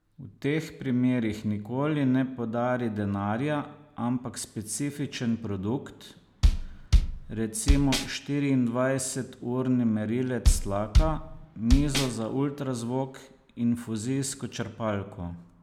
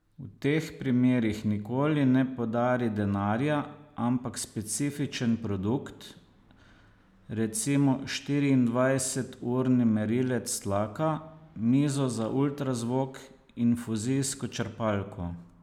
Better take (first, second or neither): second